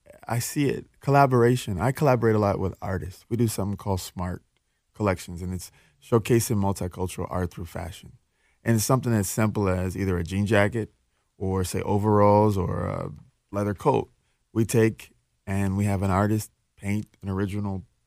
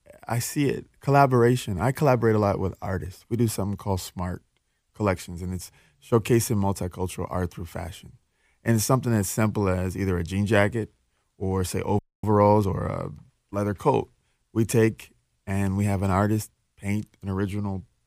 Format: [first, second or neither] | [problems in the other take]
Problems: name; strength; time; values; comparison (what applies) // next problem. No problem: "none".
first | audio freezing; at 12 s